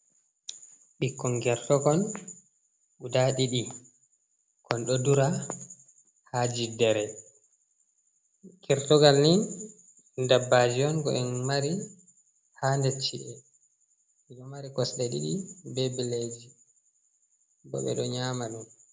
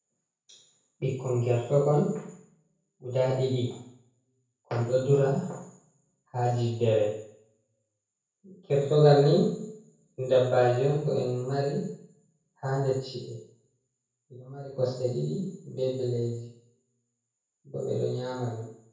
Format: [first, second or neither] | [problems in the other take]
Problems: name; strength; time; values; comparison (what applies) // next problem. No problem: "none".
first | room echo; dies away in 0.6 s